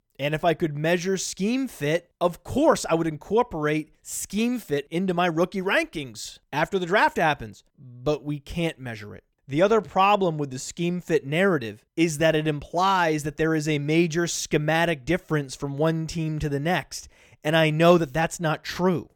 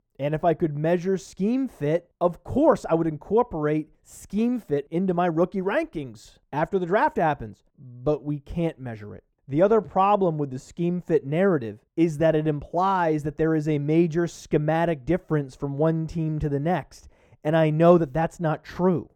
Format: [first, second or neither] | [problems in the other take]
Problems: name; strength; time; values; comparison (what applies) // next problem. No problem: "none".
first | muffled; slightly; fading above 1.5 kHz